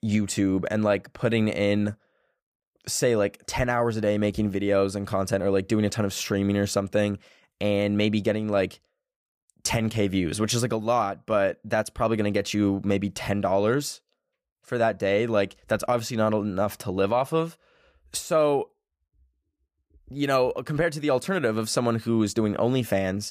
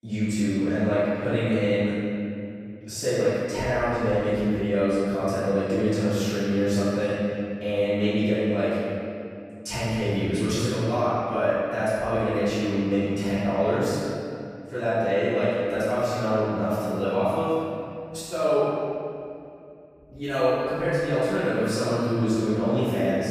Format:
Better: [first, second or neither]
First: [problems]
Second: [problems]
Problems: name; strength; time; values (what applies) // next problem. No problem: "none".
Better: first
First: none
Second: room echo; strong; dies away in 2.4 s // off-mic speech; far